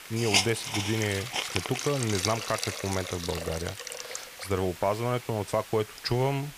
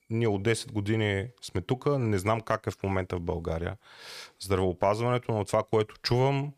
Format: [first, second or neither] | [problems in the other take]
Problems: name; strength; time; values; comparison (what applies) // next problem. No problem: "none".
second | hiss; loud; throughout; 1 dB below the speech